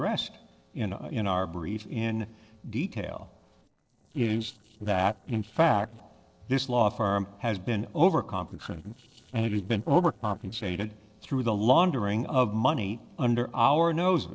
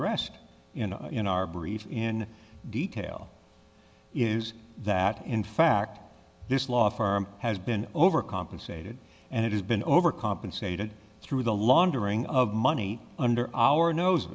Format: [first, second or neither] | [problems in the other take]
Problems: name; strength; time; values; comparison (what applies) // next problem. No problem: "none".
second | noise reduction (neural separator model SepFormer DNS4)